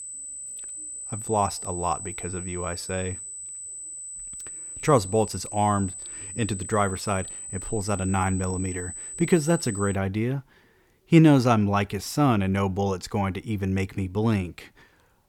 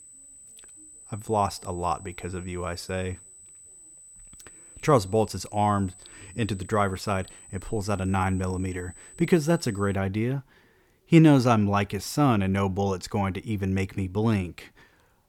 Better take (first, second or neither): second